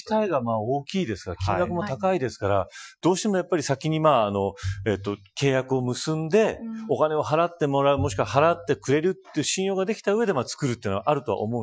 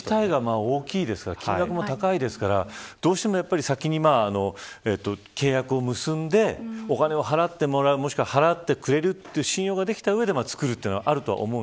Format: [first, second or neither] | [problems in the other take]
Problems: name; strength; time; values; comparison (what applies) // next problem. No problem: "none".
second | noise reduction (classical method Wiener filter)